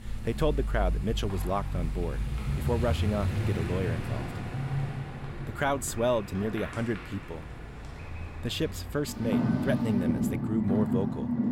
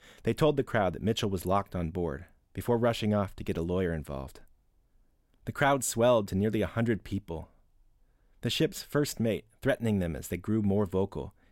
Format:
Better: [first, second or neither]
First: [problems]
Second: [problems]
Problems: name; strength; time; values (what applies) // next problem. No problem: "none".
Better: second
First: traffic noise; loud; throughout; as loud as the speech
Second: none